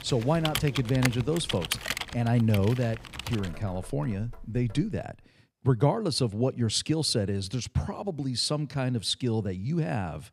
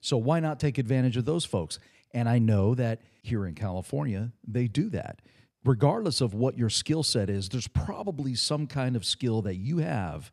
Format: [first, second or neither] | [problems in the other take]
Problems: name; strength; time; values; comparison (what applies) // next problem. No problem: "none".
second | household noises; loud; until 5 s; 6 dB below the speech